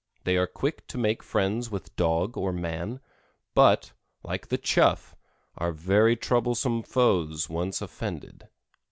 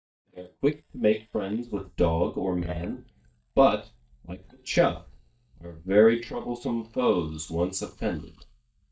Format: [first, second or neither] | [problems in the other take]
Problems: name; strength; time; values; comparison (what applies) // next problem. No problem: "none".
first | noise reduction (neural mask model DeepFilterNet 3)